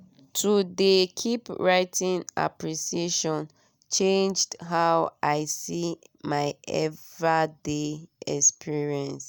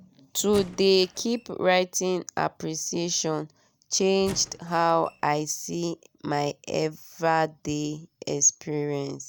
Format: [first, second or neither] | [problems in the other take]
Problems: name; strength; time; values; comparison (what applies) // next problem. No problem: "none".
first | background sound (Squeak / Wood); 17 dB below the speech